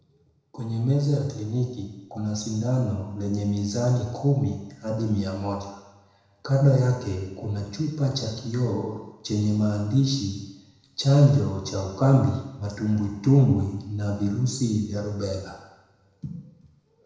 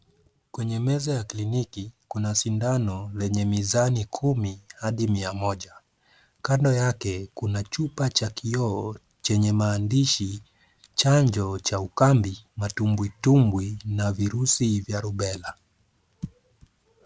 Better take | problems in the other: second | room echo; dies away in 1 s

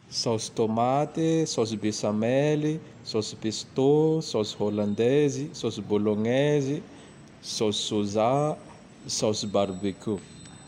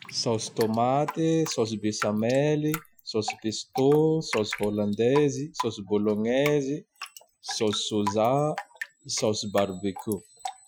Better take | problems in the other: first | noise reduction (classical method Wiener filter)

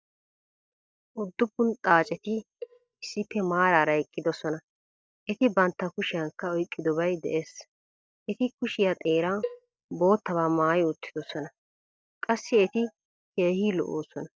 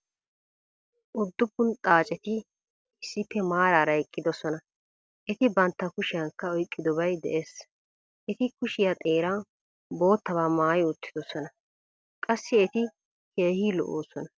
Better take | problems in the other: second | noise reduction (neural mask model DeepFilterNet 3)

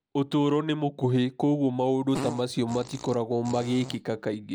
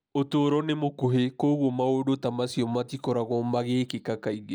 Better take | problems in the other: second | background sound (Fart); 14 dB below the speech

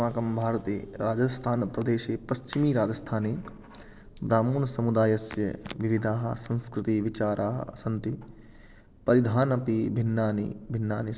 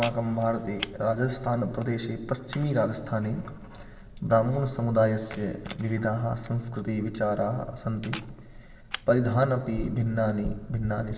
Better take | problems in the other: first | background sound (Camera); 16 dB below the speech // room echo; dies away in 1.9 s

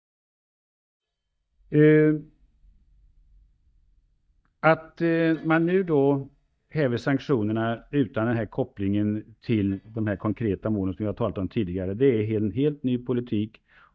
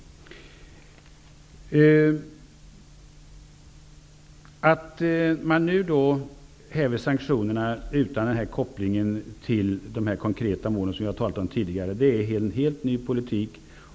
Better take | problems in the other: second | noise reduction (neural mask model DeepFilterNet 3)

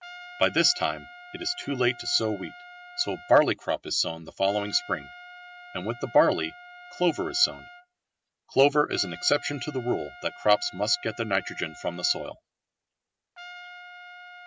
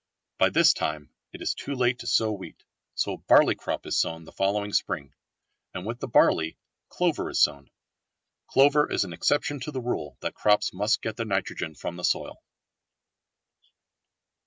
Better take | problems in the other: second | background sound (Trumpet); 18 dB below the speech

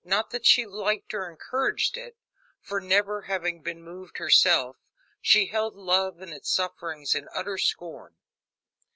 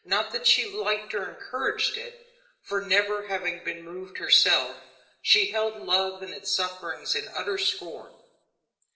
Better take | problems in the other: first | room echo; dies away in 0.8 s

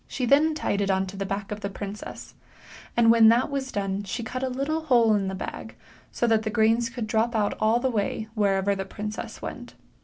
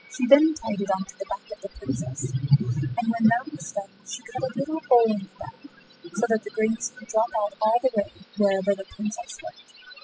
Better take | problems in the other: first | noise reduction (classical method spectral subtraction)

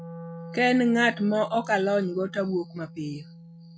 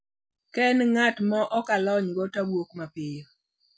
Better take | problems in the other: second | background sound (Wind instrument, woodwind instrument); 15 dB below the speech

